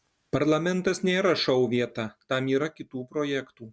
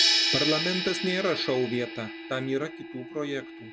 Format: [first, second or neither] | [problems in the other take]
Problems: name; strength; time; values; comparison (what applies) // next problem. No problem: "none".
first | background sound (Crash cymbal); as loud as the speech